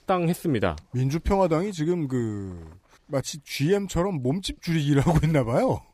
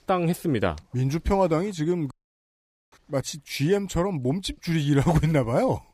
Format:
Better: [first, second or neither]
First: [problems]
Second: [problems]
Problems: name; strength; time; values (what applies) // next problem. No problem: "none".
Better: first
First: none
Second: audio cutting out; at 2 s for 1 s